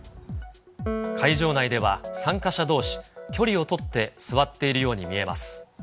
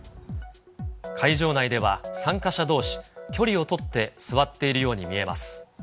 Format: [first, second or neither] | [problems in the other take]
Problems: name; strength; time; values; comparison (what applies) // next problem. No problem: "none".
second | background sound (Piano); 12 dB below the speech